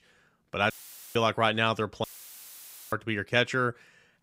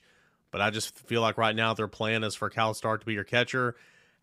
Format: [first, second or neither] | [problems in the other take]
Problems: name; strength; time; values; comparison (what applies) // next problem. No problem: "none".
second | audio cutting out; filled with static; at 0.5 s and at 2 s for 1 s